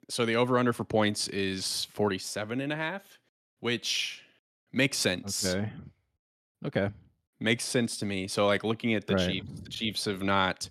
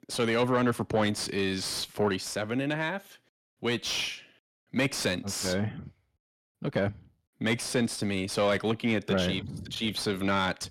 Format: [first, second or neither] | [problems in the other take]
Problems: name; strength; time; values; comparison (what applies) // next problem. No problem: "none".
first | distortion; slight; 10 dB below the speech